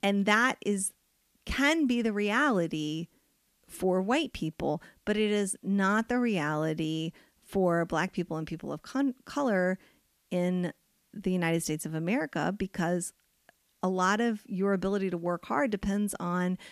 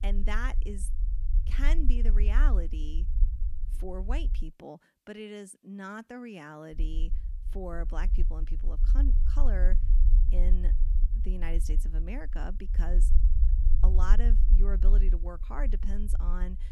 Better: first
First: none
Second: low rumble; noticeable; until 4.5 s and from 7 s on; 10 dB below the speech

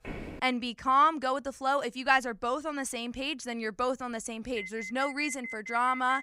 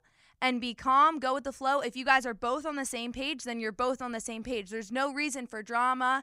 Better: second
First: footsteps; faint; at the start; peak 10 dB below the speech // alarm; noticeable; from 4.5 s on; peak 9 dB below the speech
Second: none

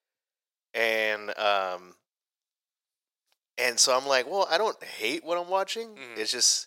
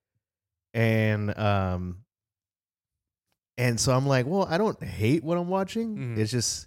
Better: second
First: thin; very; fading below 500 Hz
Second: none

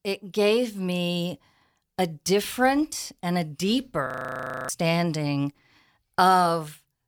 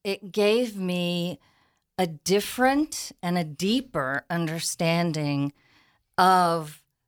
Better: second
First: audio freezing; at 4 s for 0.5 s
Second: none

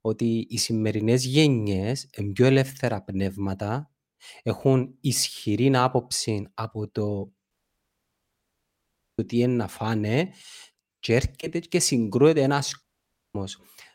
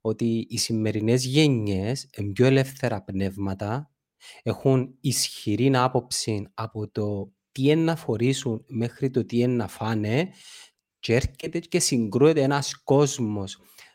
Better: second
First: audio cutting out; at 7.5 s for 1.5 s and at 13 s for 0.5 s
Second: none

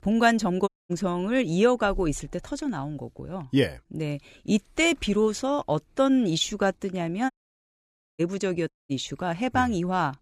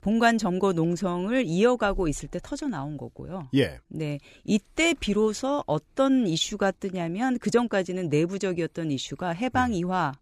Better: second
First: audio cutting out; at 0.5 s, at 7.5 s for 1 s and at 8.5 s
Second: none

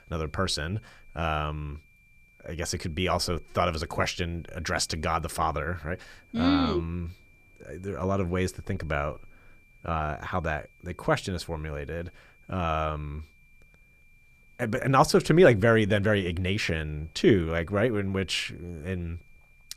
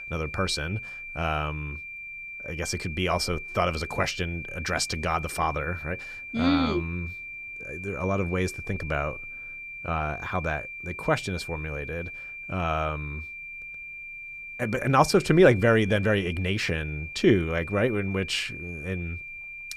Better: first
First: high-pitched whine; faint; throughout; 2.5 kHz, 30 dB below the speech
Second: high-pitched whine; loud; throughout; 2.5 kHz, 10 dB below the speech

